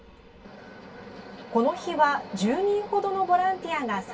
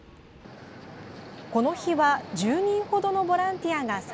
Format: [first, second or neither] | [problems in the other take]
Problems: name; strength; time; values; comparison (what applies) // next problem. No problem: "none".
second | room echo; dies away in 0.1 s